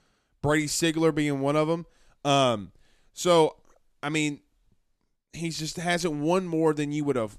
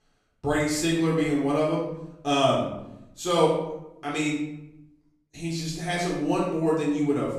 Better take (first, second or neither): first